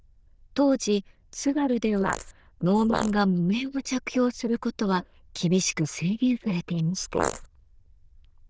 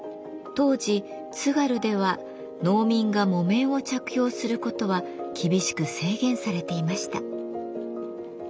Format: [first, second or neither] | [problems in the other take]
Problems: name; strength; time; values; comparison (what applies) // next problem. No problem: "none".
second | noise reduction (neural diffusion model UNIVERSE++)